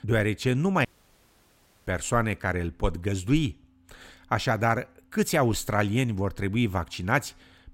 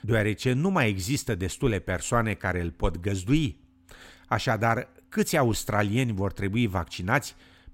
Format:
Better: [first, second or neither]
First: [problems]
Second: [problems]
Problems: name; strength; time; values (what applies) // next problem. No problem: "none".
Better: second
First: audio cutting out; at 1 s for 1 s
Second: none